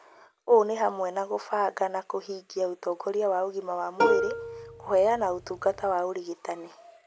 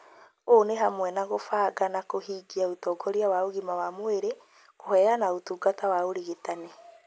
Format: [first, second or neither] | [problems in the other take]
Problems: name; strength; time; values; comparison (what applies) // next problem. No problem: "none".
second | background sound (Plucked string instrument); 1 dB below the speech